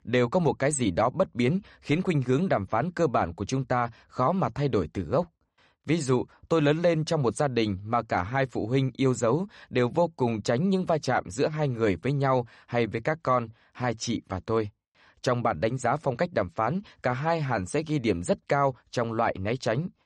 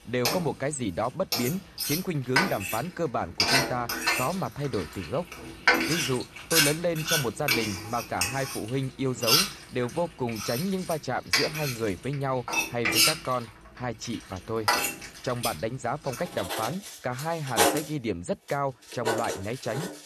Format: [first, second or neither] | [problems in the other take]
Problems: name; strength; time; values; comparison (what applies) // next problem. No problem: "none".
first | household noises; very loud; throughout; 5 dB above the speech